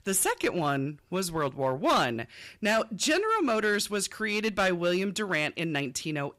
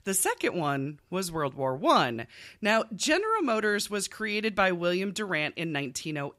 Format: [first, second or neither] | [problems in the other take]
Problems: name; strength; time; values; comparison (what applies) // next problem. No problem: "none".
second | distortion; slight; 5% of the sound clipped